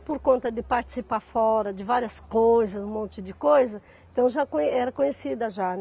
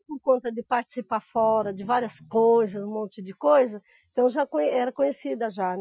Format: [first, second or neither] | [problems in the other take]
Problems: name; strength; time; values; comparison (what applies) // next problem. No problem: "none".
first | noise reduction (classical method Wiener filter)